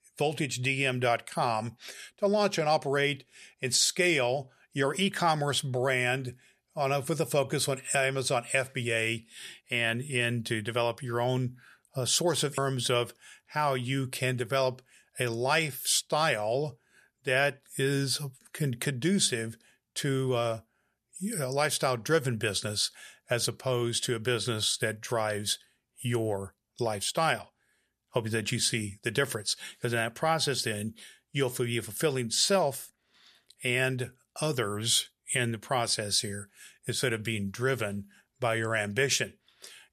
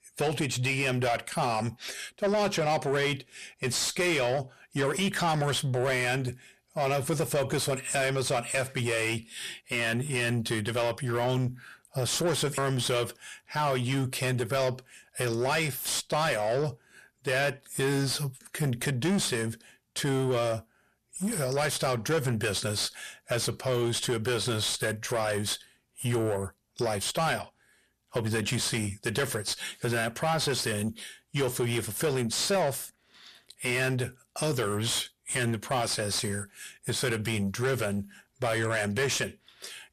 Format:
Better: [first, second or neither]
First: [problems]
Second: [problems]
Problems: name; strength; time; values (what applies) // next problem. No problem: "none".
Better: first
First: none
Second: distortion; heavy; 8 dB below the speech